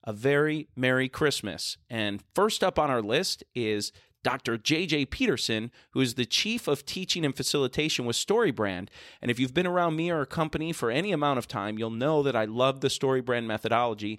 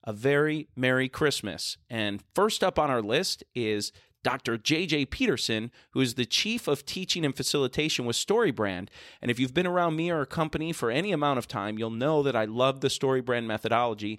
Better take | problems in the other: neither | none

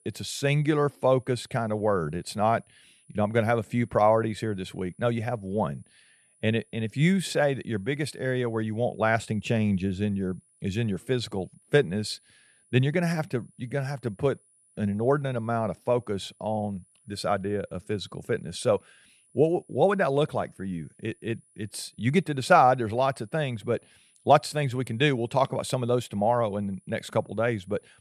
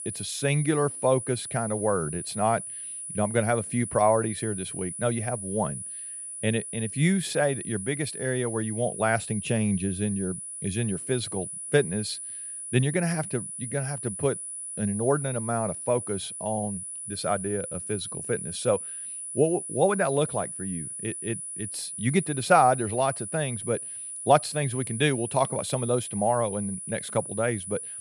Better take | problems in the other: first | high-pitched whine; loud; throughout; 10 kHz, 7 dB below the speech; faint in the first

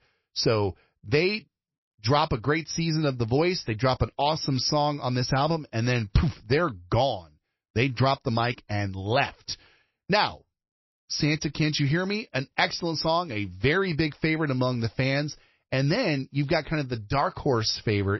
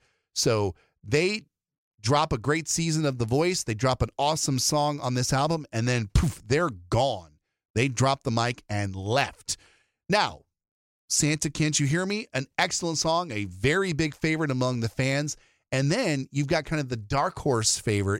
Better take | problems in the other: second | garbled, watery; slightly; nothing above 5.5 kHz

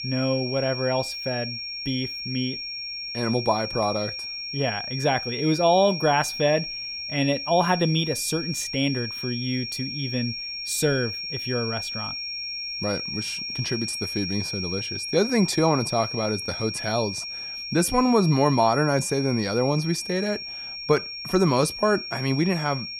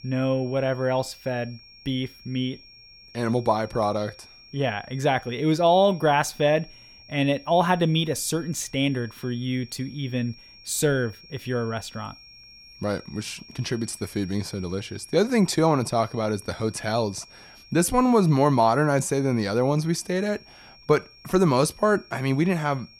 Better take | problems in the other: second | high-pitched whine; loud; throughout; 5.5 kHz, 5 dB below the speech; faint in the second

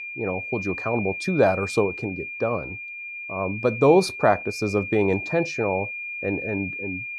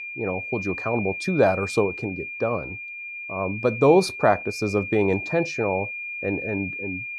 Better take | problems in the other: neither | high-pitched whine; loud; throughout; 2.5 kHz, 7 dB below the speech; the same in both

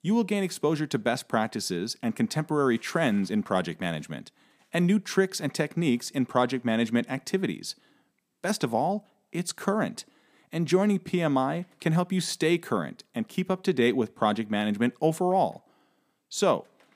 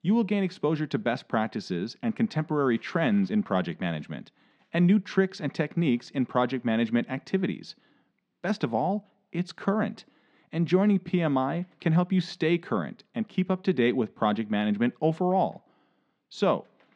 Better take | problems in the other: first | muffled; very slightly; fading above 4 kHz

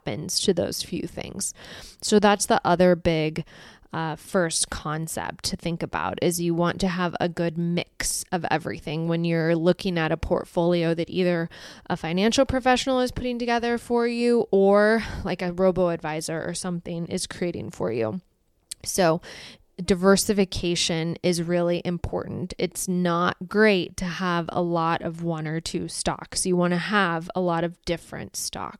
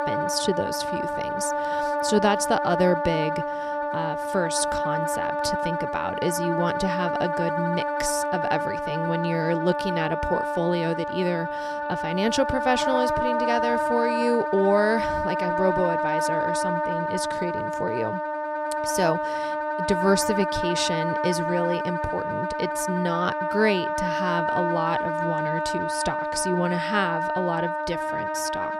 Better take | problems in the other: first | background music; very loud; throughout; as loud as the speech

